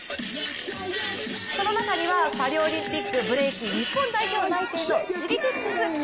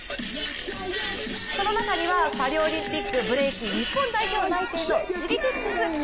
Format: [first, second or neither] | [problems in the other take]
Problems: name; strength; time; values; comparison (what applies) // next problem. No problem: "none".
first | background sound (Keys jangling); 18 dB below the speech